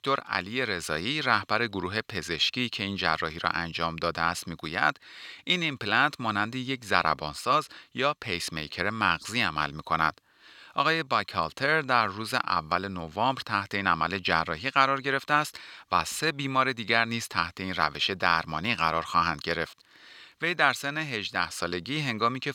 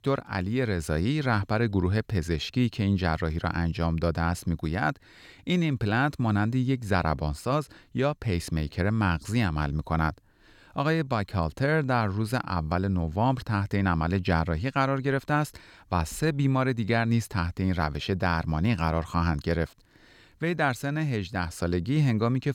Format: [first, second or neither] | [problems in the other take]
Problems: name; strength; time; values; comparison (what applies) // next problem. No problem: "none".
second | thin; somewhat; fading below 1 kHz